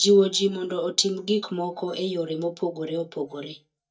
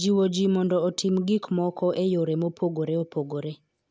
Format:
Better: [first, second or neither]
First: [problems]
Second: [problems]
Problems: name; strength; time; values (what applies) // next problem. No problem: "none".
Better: second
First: noise reduction (neural mask model DeepFilterNet 3)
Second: none